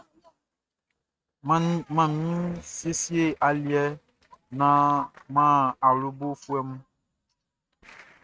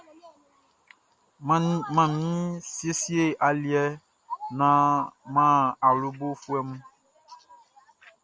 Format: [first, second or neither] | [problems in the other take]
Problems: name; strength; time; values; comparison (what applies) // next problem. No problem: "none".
second | noise reduction (neural mask model RNNoise)